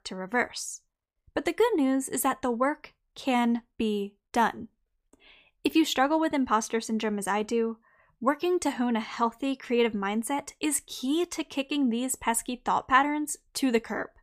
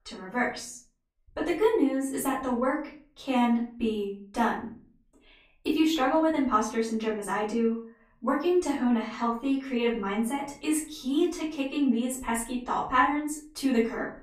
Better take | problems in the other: first | off-mic speech; far // room echo; slight; dies away in 0.4 s

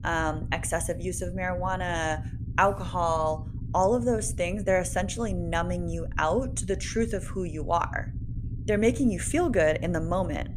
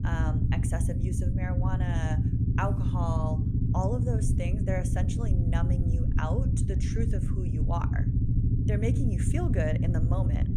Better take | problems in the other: first | low rumble; loud; throughout; 2 dB below the speech; faint in the first

